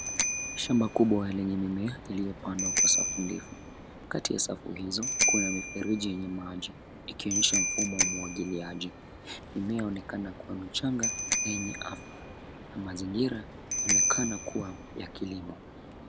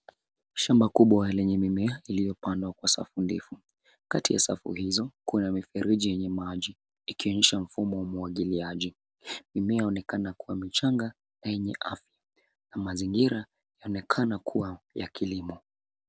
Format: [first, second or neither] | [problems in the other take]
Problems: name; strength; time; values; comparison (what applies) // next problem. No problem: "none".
second | background sound (Bicycle bell); as loud as the speech